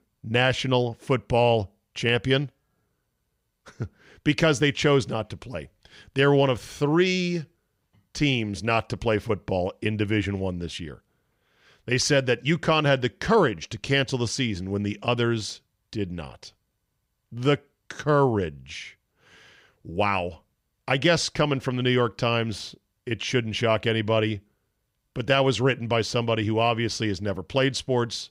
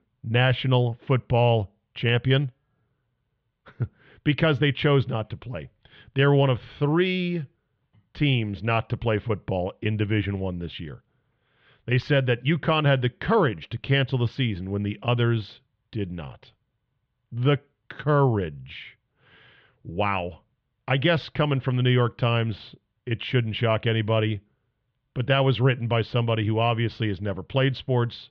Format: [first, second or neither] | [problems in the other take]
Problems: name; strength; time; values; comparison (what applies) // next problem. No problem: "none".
first | muffled; very; fading above 3.5 kHz